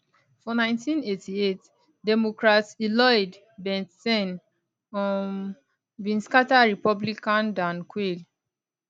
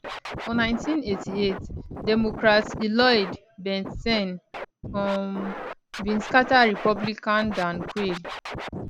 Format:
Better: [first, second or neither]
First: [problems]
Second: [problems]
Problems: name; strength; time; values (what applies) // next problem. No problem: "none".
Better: first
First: none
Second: background sound (Scratching (performance technique)); 10 dB below the speech